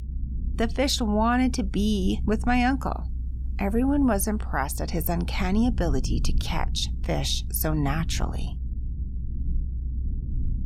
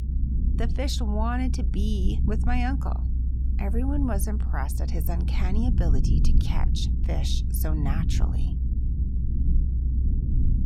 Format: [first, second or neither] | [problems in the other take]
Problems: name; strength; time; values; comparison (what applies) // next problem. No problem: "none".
first | low rumble; loud; throughout; 7 dB below the speech; faint in the first